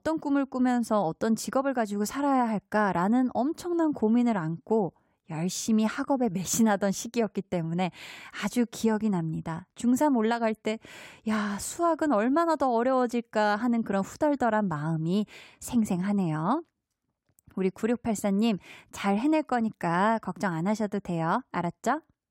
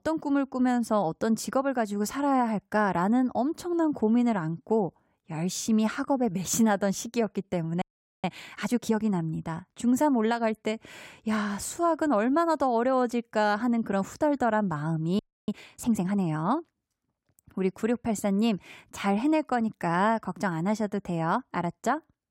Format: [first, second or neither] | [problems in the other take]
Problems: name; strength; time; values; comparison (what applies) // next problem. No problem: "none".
first | audio freezing; at 8 s and at 15 s